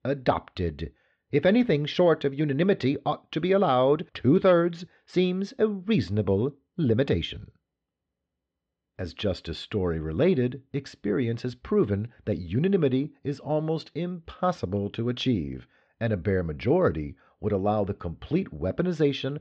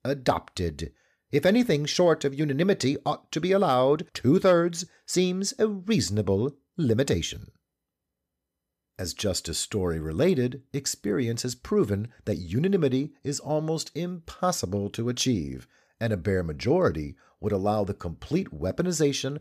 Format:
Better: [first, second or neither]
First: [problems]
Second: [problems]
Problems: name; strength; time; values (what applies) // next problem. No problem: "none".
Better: second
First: muffled; slightly; fading above 3.5 kHz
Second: none